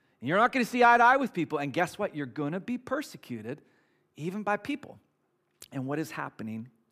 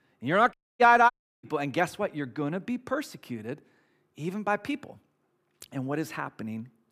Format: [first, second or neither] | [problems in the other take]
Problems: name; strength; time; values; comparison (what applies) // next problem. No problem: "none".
first | audio cutting out; at 0.5 s and at 1 s